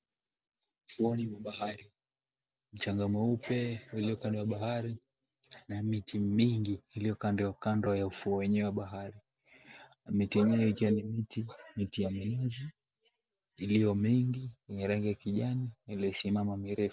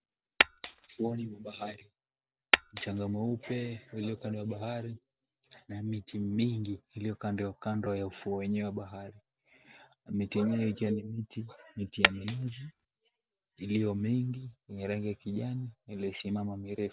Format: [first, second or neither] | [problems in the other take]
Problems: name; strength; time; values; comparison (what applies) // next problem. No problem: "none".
first | background sound (Glass); 4 dB above the speech